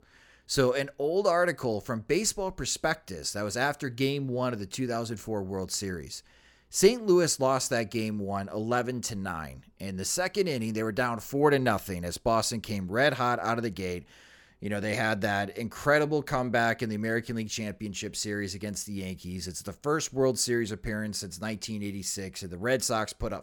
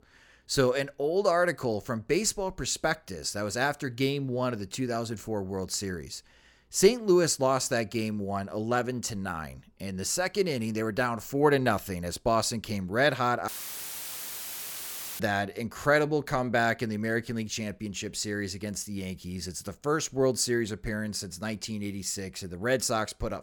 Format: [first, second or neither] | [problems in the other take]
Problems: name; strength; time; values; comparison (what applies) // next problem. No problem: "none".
first | audio cutting out; filled with static; at 13 s for 1.5 s